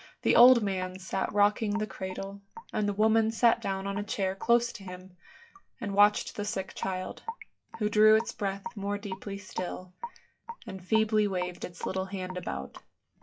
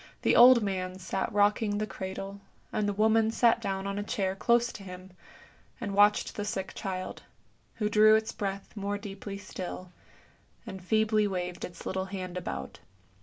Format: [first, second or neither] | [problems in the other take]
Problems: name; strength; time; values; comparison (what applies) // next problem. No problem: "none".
second | noise reduction (classical method log-MMSE)